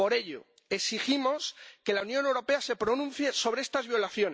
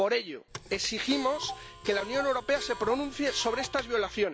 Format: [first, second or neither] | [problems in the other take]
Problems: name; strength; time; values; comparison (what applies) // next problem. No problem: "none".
first | background sound (Clock); 11 dB below the speech